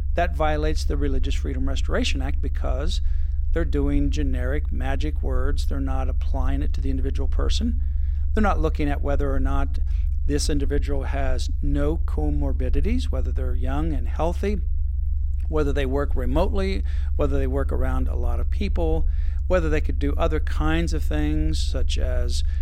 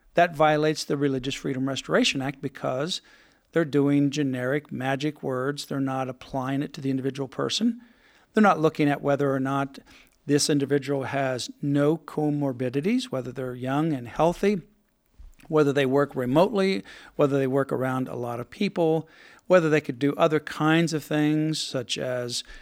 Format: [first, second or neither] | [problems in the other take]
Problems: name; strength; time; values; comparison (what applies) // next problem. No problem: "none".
second | low rumble; noticeable; throughout; 15 dB below the speech